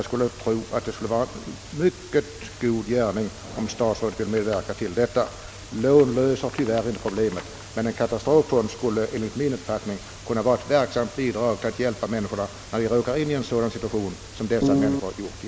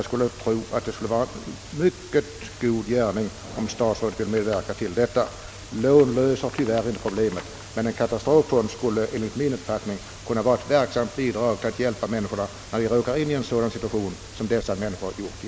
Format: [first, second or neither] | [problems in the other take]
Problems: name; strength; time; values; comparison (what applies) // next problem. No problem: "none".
second | background sound (Piano); 4 dB above the speech